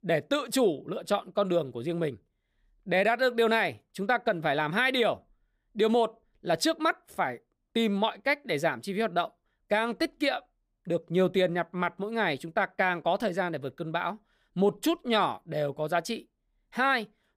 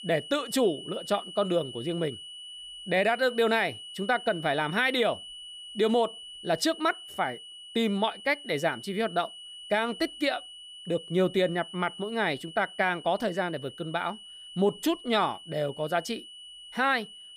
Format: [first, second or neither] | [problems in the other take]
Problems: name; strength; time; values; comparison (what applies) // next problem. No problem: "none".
first | high-pitched whine; noticeable; throughout; 3 kHz, 15 dB below the speech